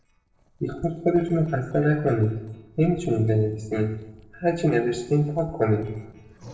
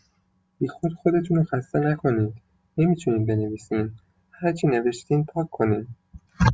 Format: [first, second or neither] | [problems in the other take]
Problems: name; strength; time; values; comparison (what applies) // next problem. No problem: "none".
second | noise reduction (neural separator model SepFormer DNS4)